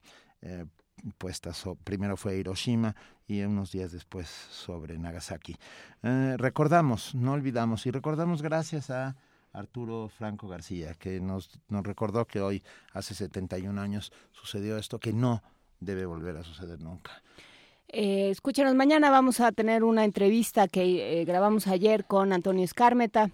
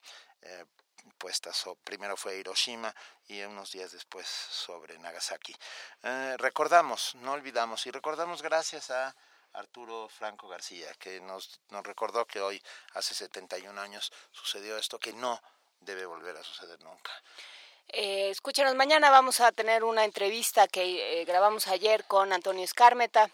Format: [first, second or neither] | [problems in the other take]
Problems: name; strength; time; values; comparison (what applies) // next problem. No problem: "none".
first | thin; very; fading below 600 Hz